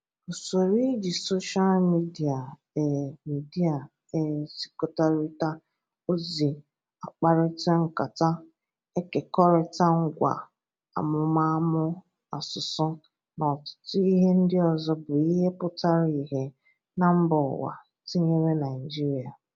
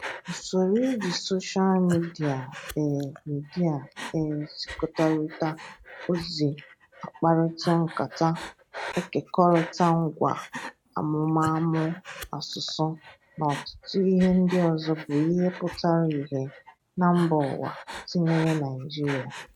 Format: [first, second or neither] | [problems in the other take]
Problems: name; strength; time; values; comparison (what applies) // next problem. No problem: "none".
first | background sound (Breathing); 15 dB below the speech